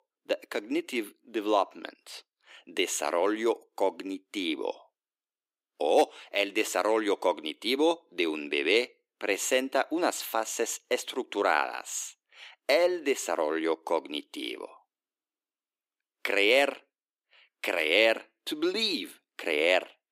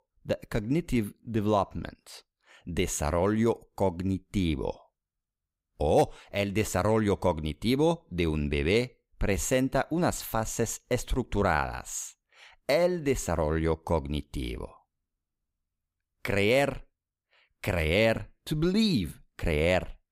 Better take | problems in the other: second | thin; somewhat; fading below 300 Hz

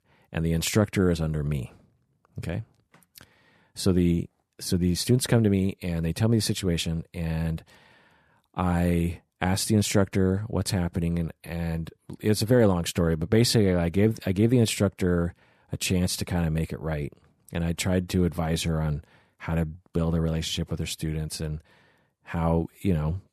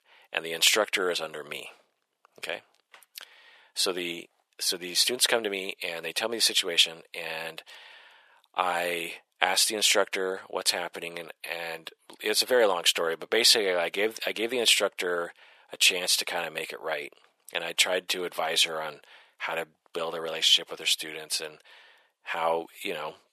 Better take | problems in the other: first | thin; very; fading below 550 Hz

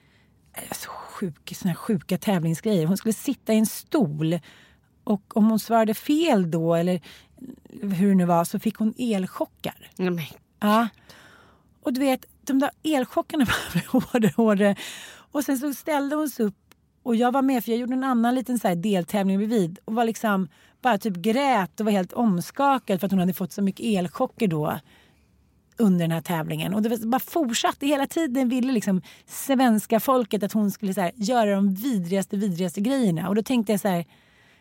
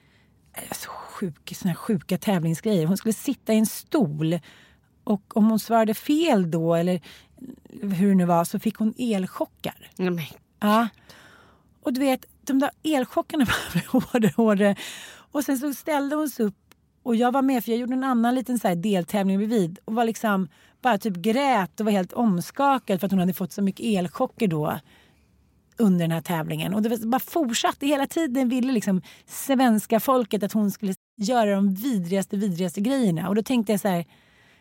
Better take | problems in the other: first | audio cutting out; at 31 s

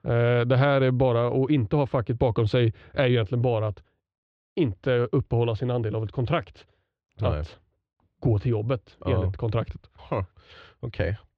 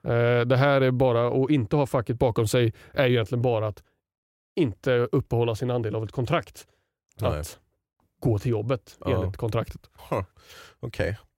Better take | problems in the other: second | muffled; very slightly; fading above 4 kHz

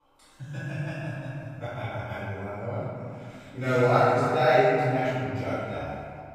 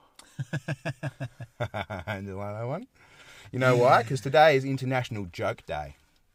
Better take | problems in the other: second | room echo; strong; dies away in 2.2 s // off-mic speech; far

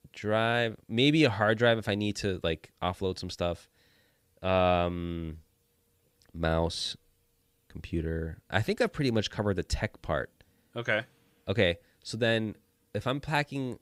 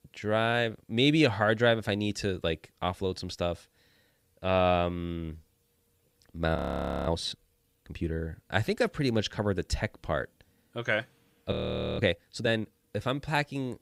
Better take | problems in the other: first | audio freezing; at 6.5 s for 0.5 s and at 12 s

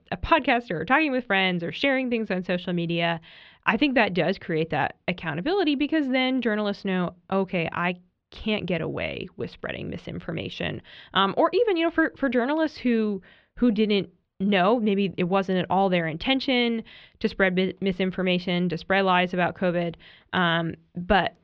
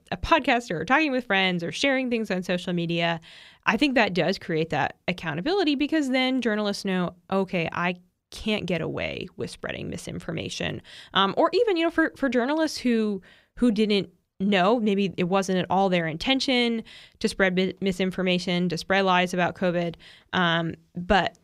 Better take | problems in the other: second | muffled; slightly; fading above 3.5 kHz

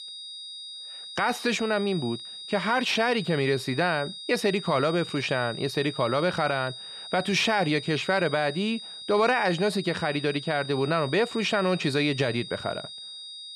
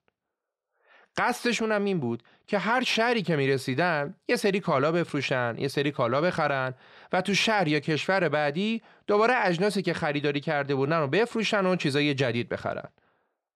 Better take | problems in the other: second | high-pitched whine; noticeable; throughout; 4 kHz, 10 dB below the speech

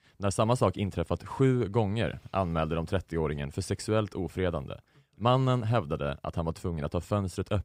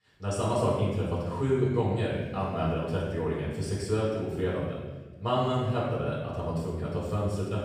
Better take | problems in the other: first | room echo; strong; dies away in 1.1 s // off-mic speech; far

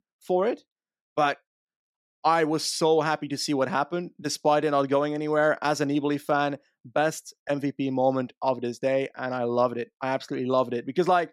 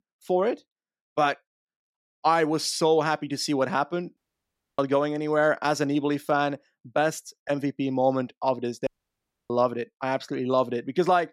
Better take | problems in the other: first | audio cutting out; at 4 s for 0.5 s and at 9 s for 0.5 s

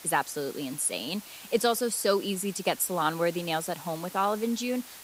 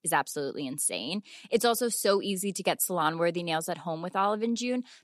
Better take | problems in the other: second | hiss; noticeable; throughout; 15 dB below the speech

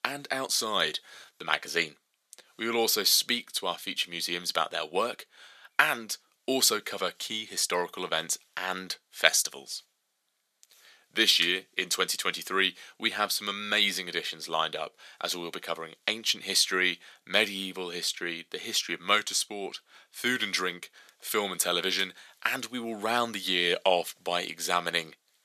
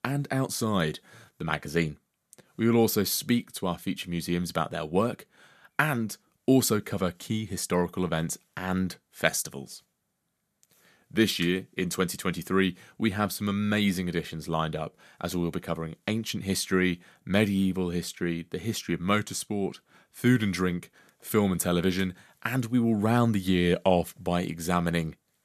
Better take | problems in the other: second | thin; very; fading below 500 Hz

